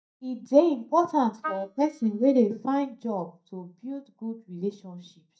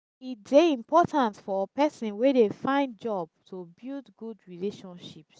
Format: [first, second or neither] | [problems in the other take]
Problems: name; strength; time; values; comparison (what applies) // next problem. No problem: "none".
second | noise reduction (neural mask model DeepFilterNet 3)